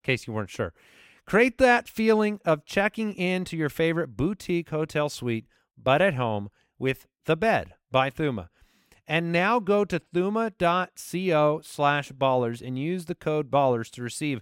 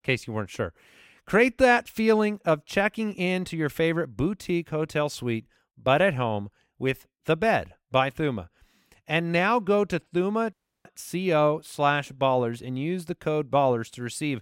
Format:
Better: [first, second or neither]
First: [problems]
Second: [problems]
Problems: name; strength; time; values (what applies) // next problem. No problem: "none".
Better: first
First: none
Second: audio cutting out; at 11 s